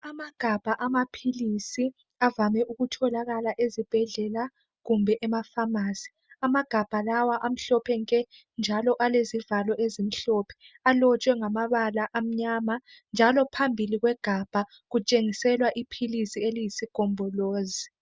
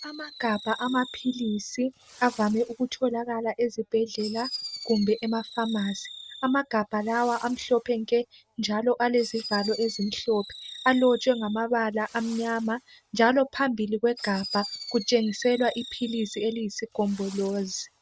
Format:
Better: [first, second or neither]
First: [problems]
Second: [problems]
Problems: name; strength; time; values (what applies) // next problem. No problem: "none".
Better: first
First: none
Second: background sound (Fireworks); 16 dB below the speech